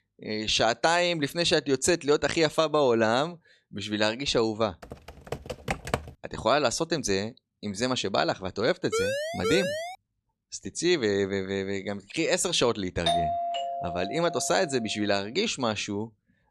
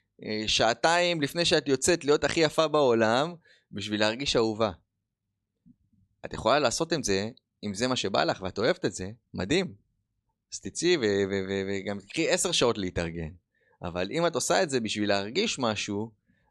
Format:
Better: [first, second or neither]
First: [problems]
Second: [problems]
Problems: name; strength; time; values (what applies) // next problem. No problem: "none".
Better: second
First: keyboard typing; noticeable; from 5 to 6 s; peak 5 dB below the speech // siren; noticeable; from 9 to 10 s; peak 2 dB below the speech // doorbell; loud; from 13 to 15 s; peak level with the speech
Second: none